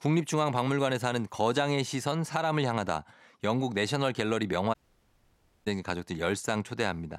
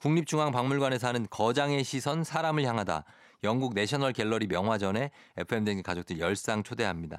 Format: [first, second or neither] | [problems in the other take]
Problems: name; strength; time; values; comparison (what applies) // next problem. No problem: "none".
second | audio cutting out; at 4.5 s for 1 s